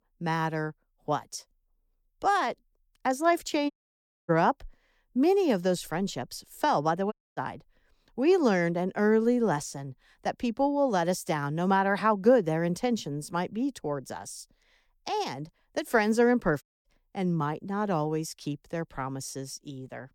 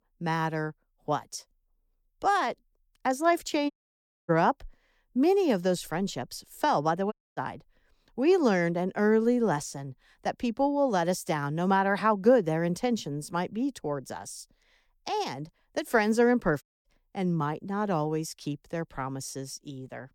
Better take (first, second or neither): neither